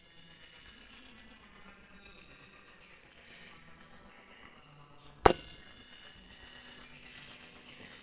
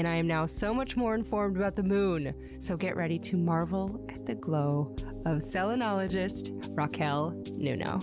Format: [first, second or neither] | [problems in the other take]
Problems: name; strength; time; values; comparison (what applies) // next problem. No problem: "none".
second | noise reduction (neural separator model SepFormer WHAMR!)